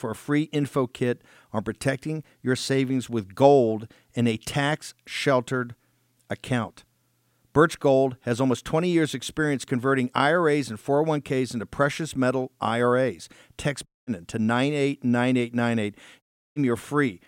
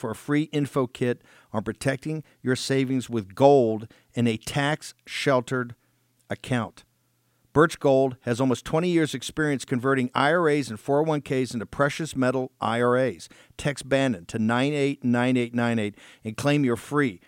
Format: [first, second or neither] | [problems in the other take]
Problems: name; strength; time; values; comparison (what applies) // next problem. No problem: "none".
second | audio cutting out; at 14 s and at 16 s